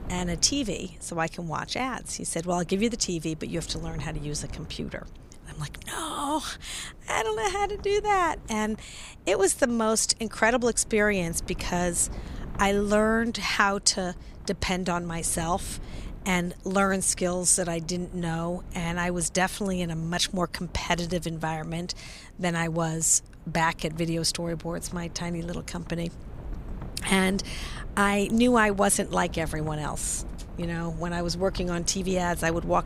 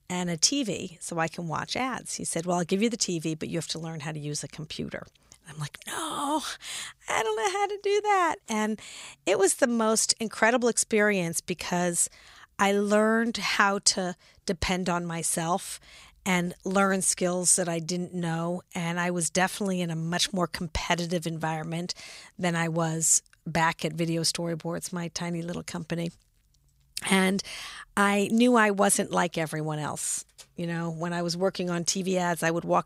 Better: second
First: wind noise on the microphone; occasional gusts; 25 dB below the speech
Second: none

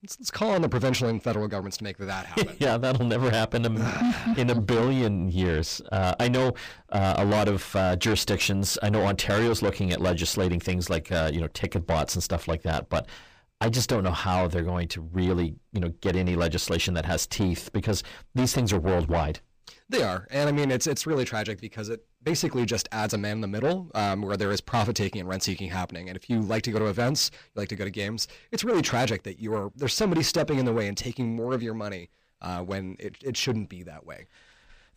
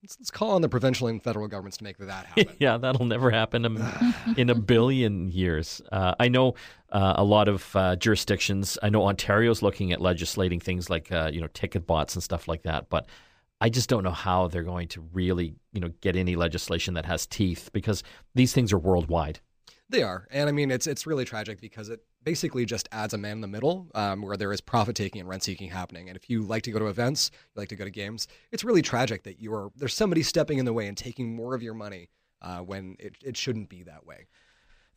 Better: second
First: distortion; heavy; 7 dB below the speech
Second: none

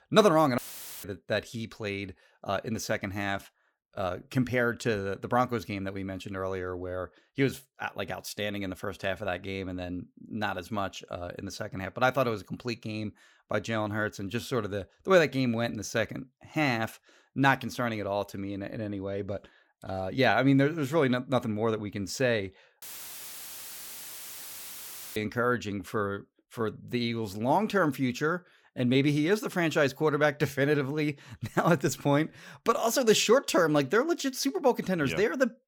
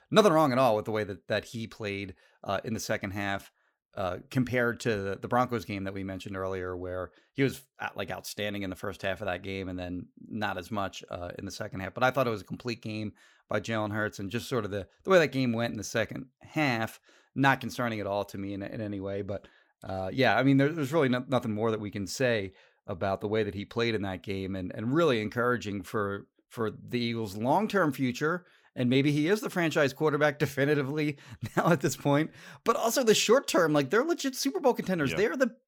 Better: second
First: audio cutting out; filled with static; at 0.5 s and at 23 s for 2.5 s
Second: none

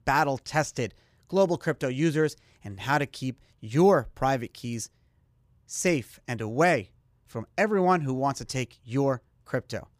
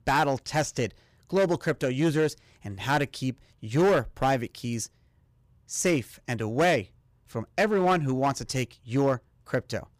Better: first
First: none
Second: distortion; slight; 5% of the sound clipped

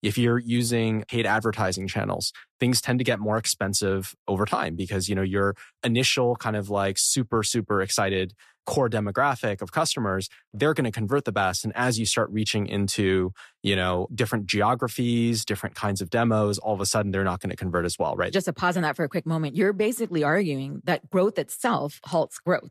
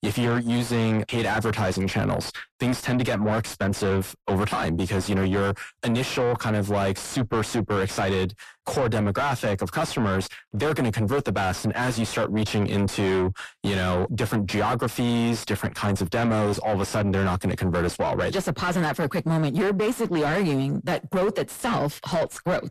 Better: first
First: none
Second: distortion; heavy; 5 dB below the speech

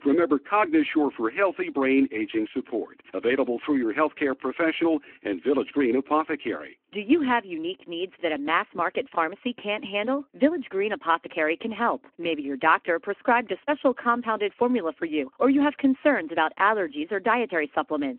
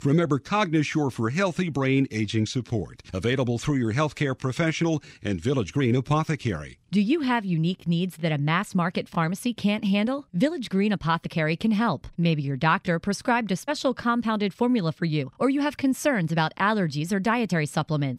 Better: second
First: phone-call audio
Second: none

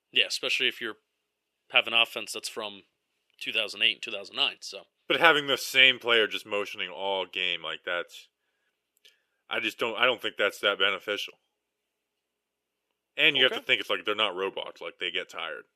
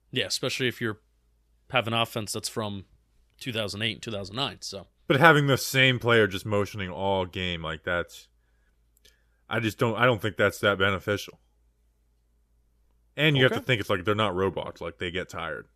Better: second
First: thin; somewhat; fading below 400 Hz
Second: none

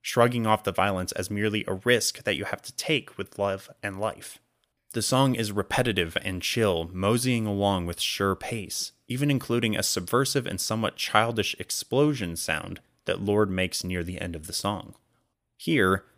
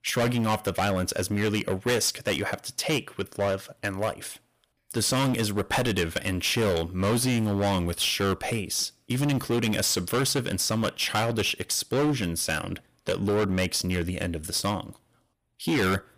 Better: first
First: none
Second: distortion; heavy; 13% of the sound clipped

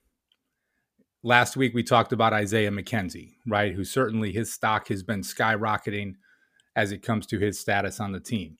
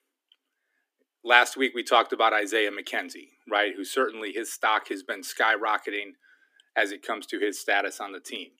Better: first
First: none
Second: thin; somewhat; fading below 300 Hz

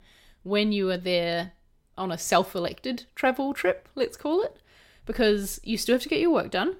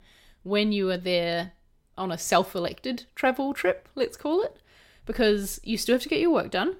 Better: neither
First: none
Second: none

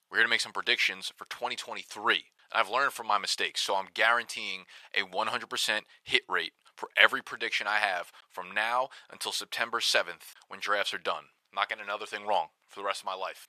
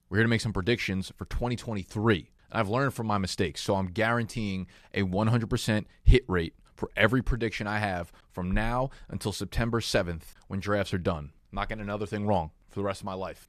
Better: second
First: thin; very; fading below 900 Hz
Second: none

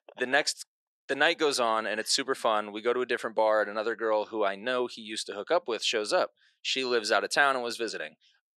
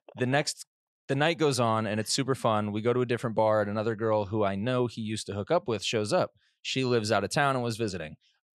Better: second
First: thin; somewhat; fading below 350 Hz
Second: none

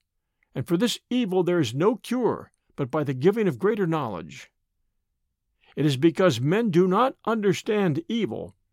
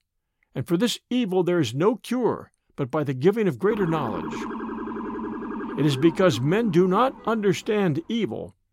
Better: first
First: none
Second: siren; noticeable; from 3.5 to 7.5 s; peak 8 dB below the speech

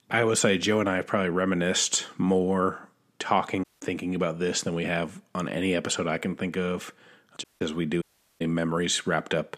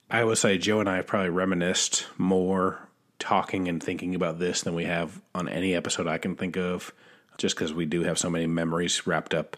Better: second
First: audio cutting out; at 3.5 s, at 7.5 s and at 8 s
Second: none

